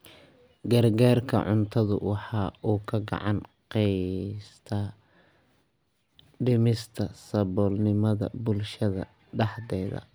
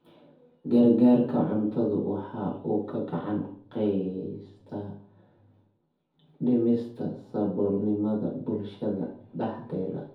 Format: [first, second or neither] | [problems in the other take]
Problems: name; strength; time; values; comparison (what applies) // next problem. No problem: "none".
first | room echo; dies away in 0.6 s